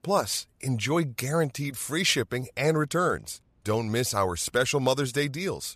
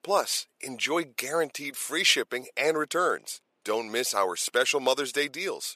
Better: first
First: none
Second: thin; somewhat; fading below 350 Hz

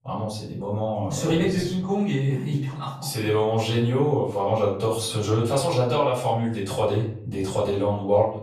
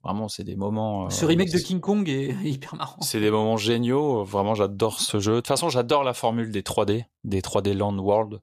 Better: second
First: off-mic speech; far // room echo; noticeable; dies away in 0.5 s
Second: none

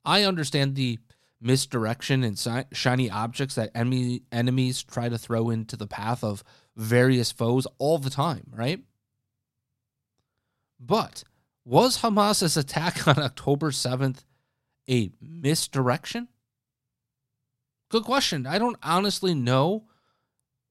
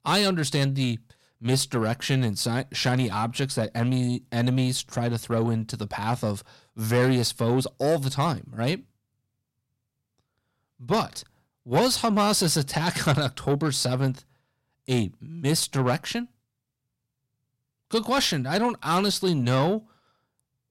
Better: first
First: none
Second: distortion; slight; 10 dB below the speech

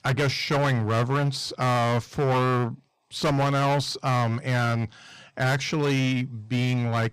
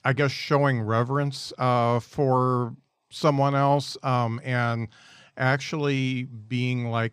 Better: second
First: distortion; heavy; 19% of the sound clipped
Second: none

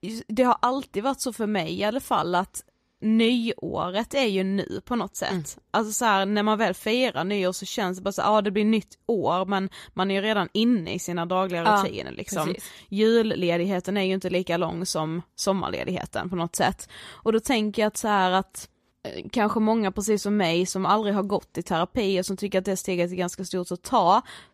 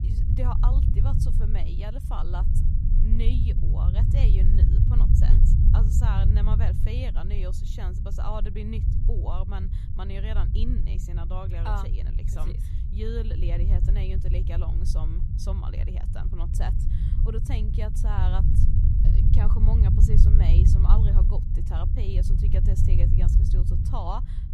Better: first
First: none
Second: low rumble; loud; throughout; 1 dB below the speech

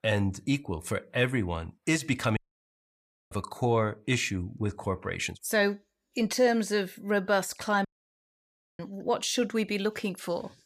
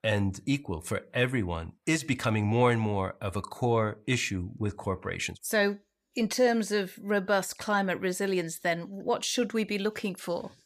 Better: second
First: audio cutting out; at 2.5 s for 1 s and at 8 s for 1 s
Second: none

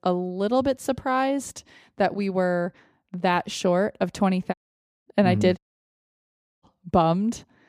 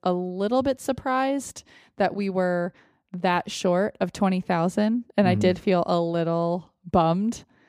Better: second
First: audio cutting out; at 4.5 s for 0.5 s and at 5.5 s for 1 s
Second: none

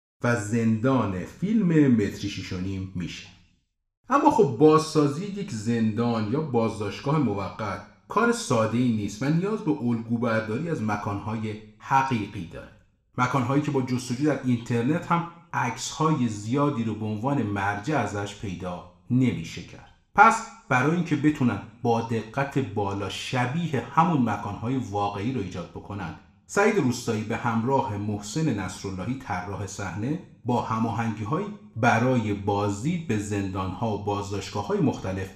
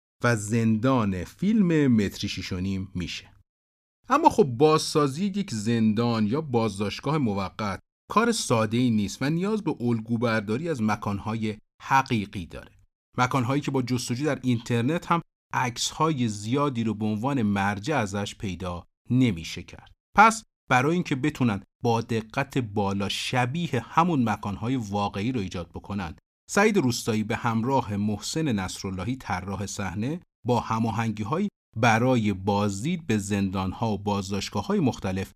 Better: second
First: room echo; slight; dies away in 0.5 s // off-mic speech; somewhat distant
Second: none

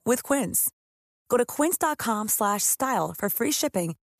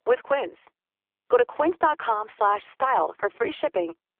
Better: first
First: none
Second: phone-call audio; poor line

